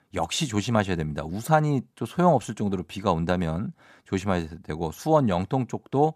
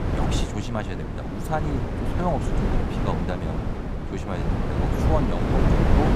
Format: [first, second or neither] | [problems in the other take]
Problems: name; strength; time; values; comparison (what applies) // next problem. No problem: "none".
first | wind noise on the microphone; heavy; 1 dB above the speech